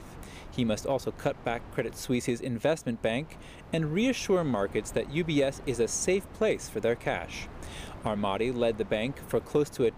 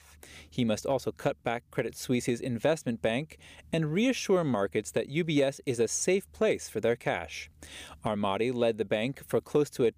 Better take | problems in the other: second | wind noise on the microphone; occasional gusts; 20 dB below the speech

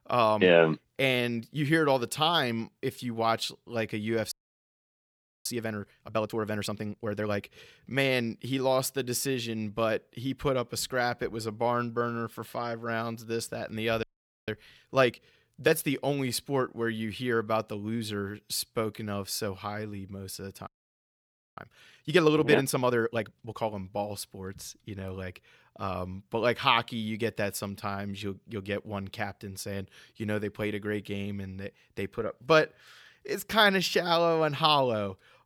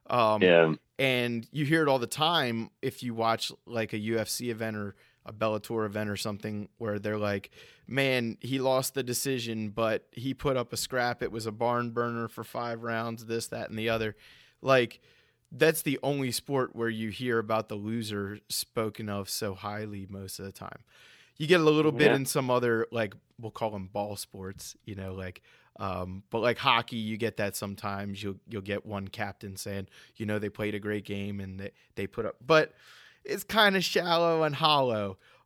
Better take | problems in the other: second | audio freezing; at 4.5 s for 1 s, at 14 s and at 21 s for 1 s

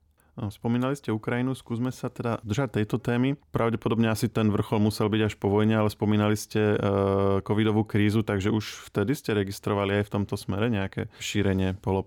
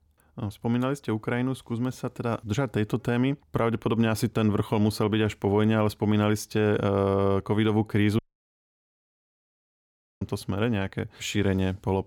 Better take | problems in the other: first | audio cutting out; at 8 s for 2 s

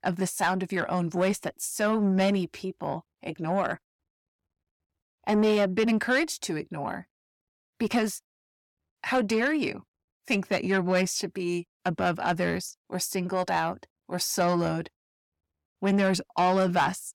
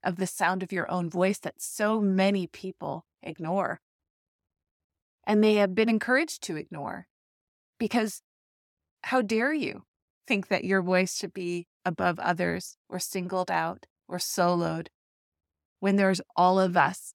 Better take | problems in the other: second | distortion; slight; 10 dB below the speech

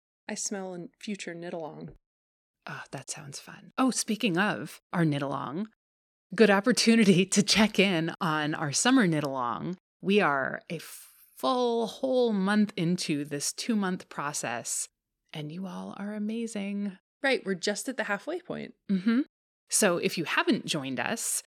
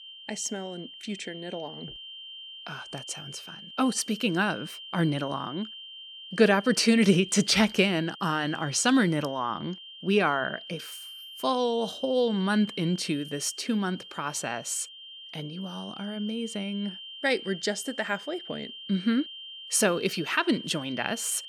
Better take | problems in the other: first | high-pitched whine; noticeable; throughout; 3 kHz, 15 dB below the speech

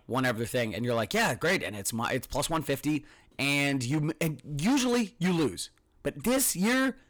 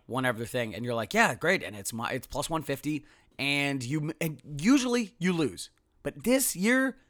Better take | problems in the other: second | distortion; heavy; 10% of the sound clipped

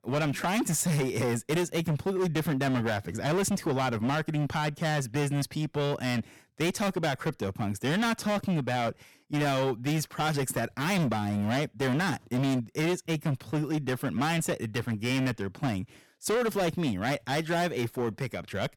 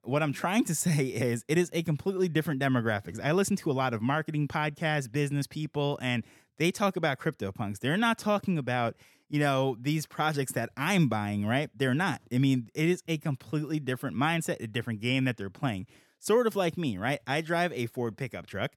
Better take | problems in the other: second | distortion; heavy; 20% of the sound clipped

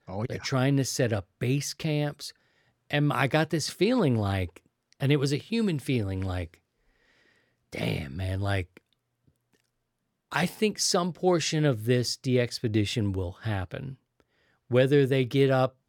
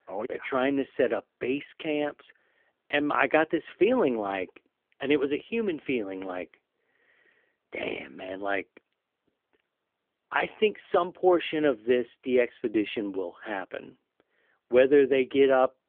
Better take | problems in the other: first | phone-call audio; nothing above 3.5 kHz

